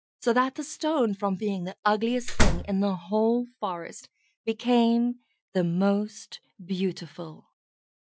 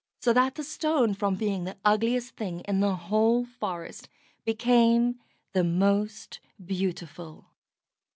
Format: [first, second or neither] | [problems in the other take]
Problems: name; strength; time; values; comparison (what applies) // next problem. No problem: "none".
second | noise reduction (classical method Wiener filter)